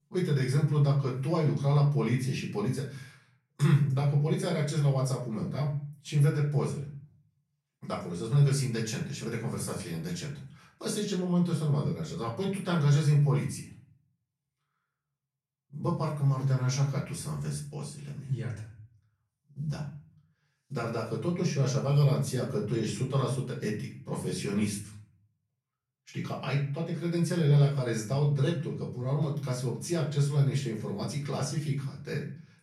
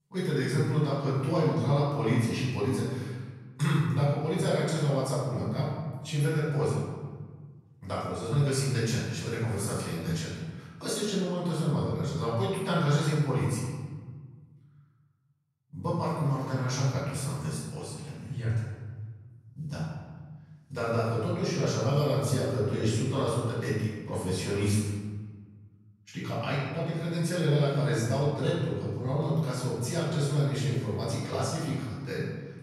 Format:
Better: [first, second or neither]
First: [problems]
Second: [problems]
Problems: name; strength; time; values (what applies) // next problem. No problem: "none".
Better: first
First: room echo; slight; dies away in 0.4 s // off-mic speech; far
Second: room echo; strong; dies away in 1.4 s // off-mic speech; far